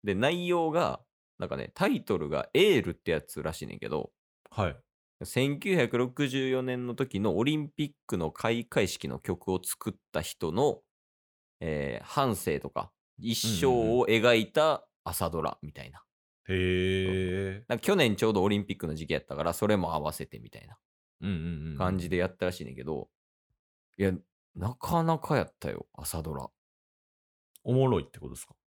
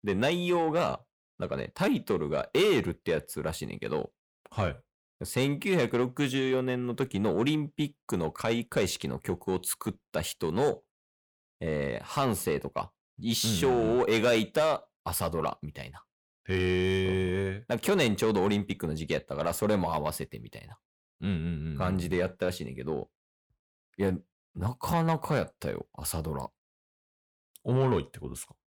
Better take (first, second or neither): first